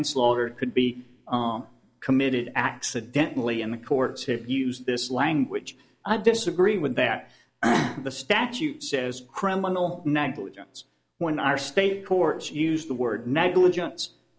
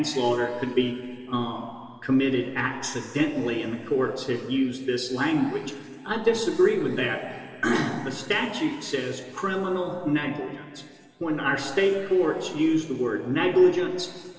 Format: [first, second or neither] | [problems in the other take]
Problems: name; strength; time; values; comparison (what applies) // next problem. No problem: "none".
first | room echo; dies away in 2.5 s